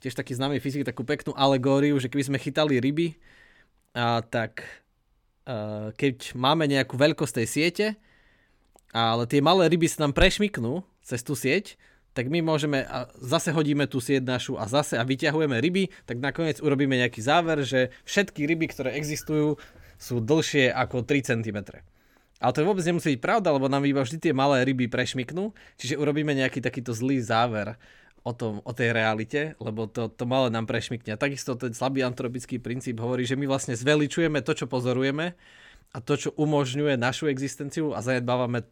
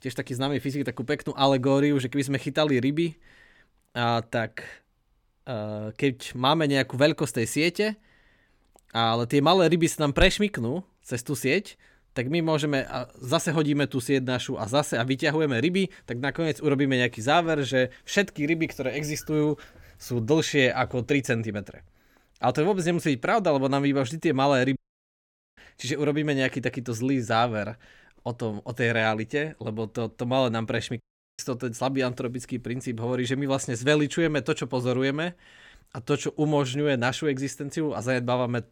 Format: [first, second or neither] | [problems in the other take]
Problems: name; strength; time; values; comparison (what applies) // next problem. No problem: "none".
first | audio cutting out; at 25 s for 1 s and at 31 s